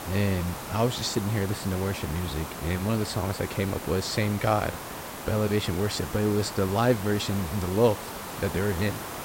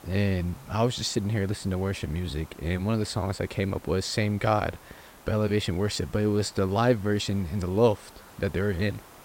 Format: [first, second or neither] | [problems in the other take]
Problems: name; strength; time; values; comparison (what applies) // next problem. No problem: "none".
second | hiss; loud; throughout; 9 dB below the speech; faint in the second